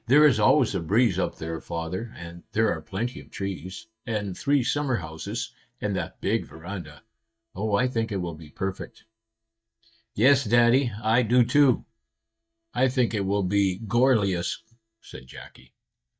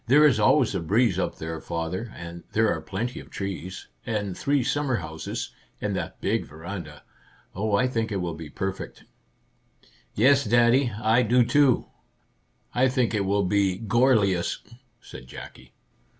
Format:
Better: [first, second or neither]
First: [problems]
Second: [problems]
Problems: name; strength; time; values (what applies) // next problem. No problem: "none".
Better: second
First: noise reduction (neural mask model DeepFilterNet 3)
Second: none